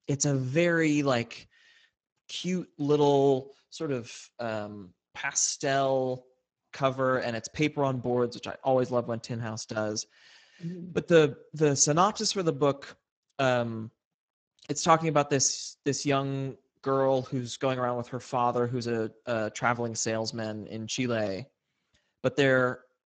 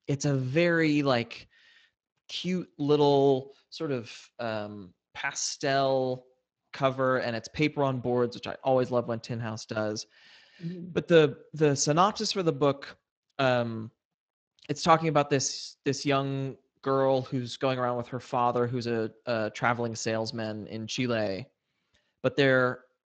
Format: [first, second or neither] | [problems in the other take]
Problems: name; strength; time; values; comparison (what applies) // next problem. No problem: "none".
second | garbled, watery; badly; slightly in the second